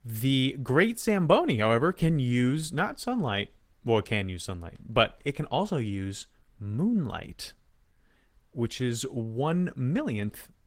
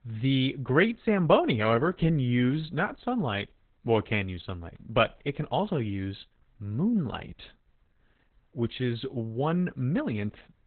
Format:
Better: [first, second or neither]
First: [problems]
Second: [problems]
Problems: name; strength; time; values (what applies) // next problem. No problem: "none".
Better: first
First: garbled, watery; slightly; nothing above 16 kHz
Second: garbled, watery; badly; nothing above 3.5 kHz